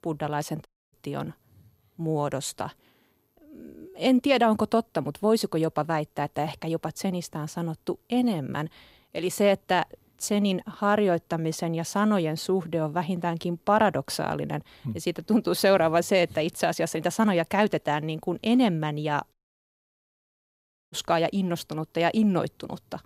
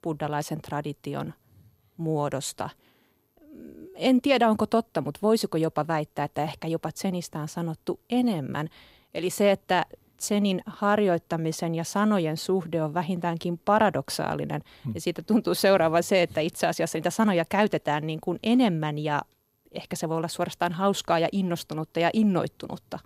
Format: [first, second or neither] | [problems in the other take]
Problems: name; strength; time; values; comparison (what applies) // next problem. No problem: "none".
second | audio cutting out; at 0.5 s and at 19 s for 1.5 s